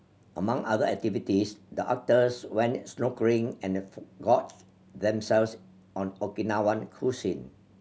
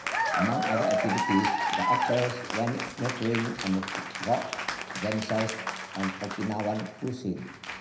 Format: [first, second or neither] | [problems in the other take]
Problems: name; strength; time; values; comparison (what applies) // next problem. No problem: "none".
first | background sound (Applause / Cheering); 1 dB below the speech // room echo; dies away in 0.9 s